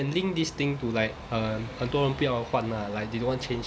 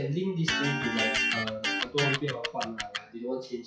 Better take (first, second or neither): first